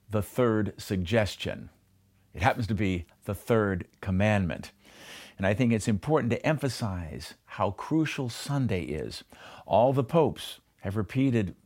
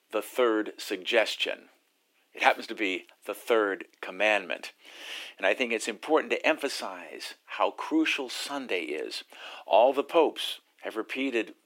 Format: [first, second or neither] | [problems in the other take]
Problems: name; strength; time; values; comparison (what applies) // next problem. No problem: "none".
first | thin; very; fading below 300 Hz